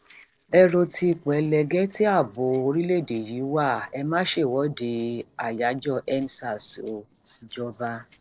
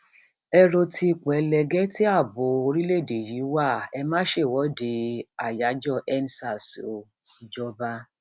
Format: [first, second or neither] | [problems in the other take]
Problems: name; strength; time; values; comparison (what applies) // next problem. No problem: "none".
second | noise reduction (neural separator model SepFormer DNS4)